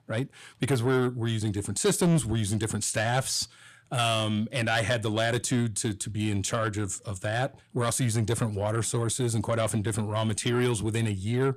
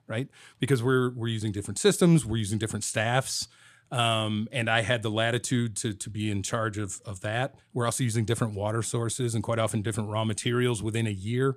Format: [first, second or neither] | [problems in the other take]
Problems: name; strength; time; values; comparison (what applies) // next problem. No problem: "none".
second | distortion; slight; 10 dB below the speech